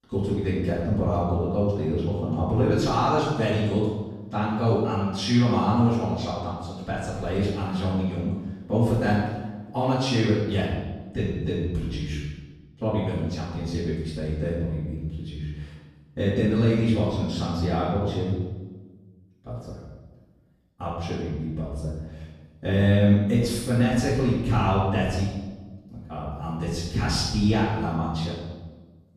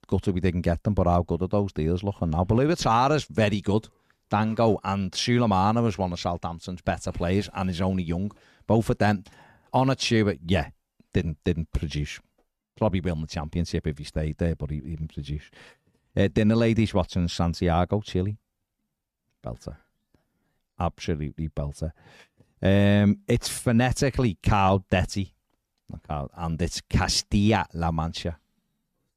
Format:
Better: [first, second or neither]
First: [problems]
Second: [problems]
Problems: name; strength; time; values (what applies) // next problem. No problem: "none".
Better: second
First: off-mic speech; far // room echo; strong; dies away in 1 s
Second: none